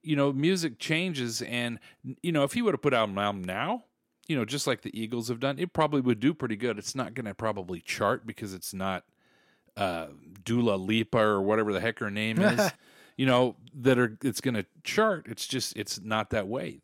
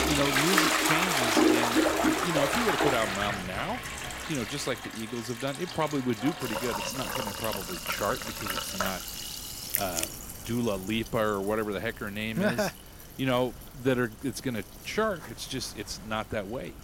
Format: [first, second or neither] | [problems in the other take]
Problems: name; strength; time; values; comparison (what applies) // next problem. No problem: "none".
first | household noises; very loud; throughout; 3 dB above the speech